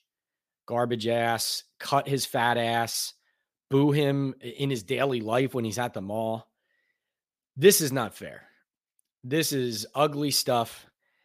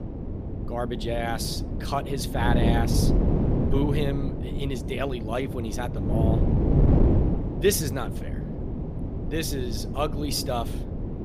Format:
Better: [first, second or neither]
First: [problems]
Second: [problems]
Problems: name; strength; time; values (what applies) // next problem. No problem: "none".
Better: first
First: none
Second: wind noise on the microphone; heavy; 4 dB below the speech